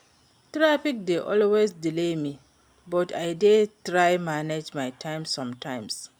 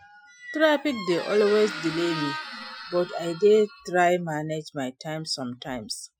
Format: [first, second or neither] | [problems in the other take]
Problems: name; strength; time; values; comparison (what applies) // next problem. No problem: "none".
first | noise reduction (classical method Wiener filter)